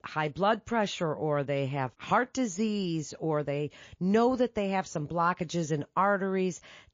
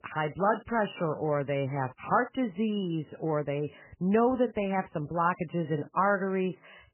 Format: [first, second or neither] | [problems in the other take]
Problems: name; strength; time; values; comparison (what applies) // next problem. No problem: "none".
first | garbled, watery; badly; nothing above 3 kHz; slightly in the first